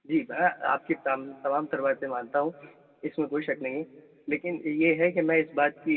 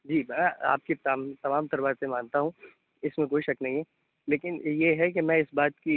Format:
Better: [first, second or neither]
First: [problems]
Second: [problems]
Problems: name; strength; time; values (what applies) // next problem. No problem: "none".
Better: second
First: room echo; dies away in 2.2 s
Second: none